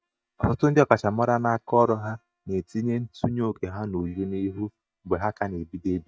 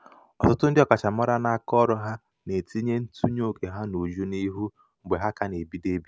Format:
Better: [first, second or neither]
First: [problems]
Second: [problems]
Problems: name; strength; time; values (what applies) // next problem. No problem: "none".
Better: second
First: noise reduction (neural mask model DeepFilterNet 3)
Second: none